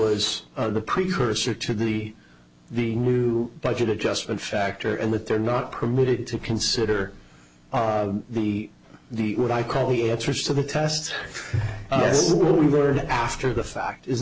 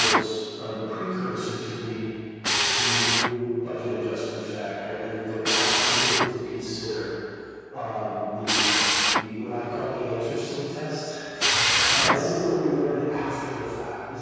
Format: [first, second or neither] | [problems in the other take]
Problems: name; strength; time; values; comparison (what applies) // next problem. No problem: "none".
first | background sound (Drill); 2 dB above the speech // room echo; dies away in 2.2 s